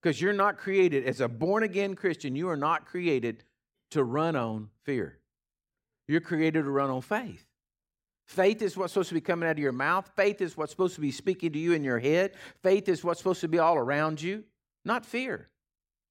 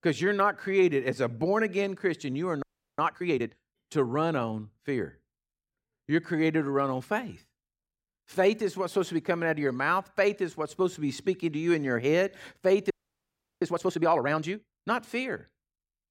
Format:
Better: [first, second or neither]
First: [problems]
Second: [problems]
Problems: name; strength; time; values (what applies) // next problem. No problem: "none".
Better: first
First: none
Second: audio freezing; at 2.5 s and at 13 s for 0.5 s